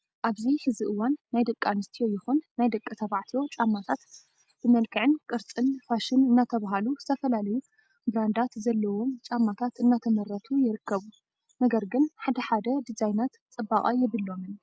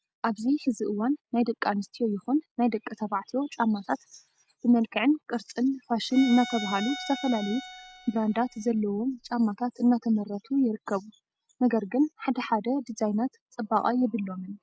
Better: first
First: none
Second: background sound (Bowed string instrument); 13 dB below the speech

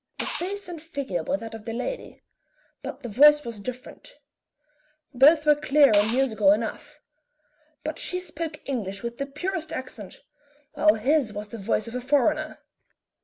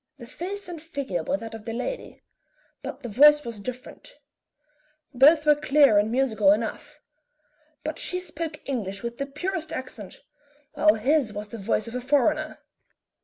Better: second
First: background sound (Liquid); 10 dB below the speech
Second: none

